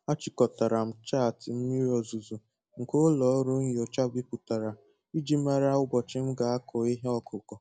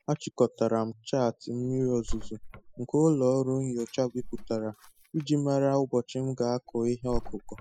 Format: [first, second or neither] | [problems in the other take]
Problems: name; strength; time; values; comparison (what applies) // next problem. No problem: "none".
first | noise reduction (classical method spectral subtraction)